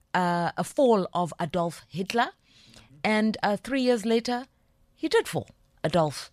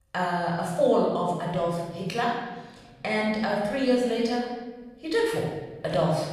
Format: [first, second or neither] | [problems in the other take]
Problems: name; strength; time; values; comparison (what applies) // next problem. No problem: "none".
first | off-mic speech; far // room echo; noticeable; dies away in 1.2 s